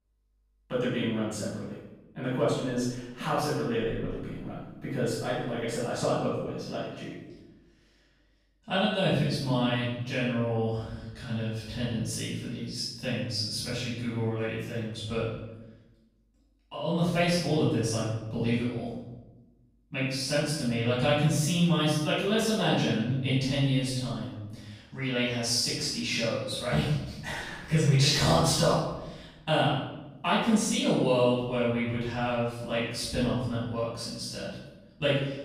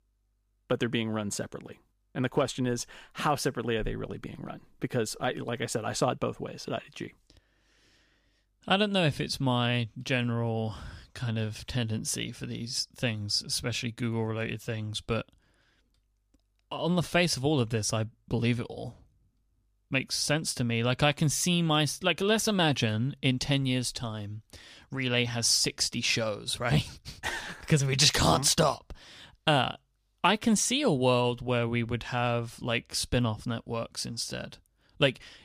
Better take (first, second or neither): second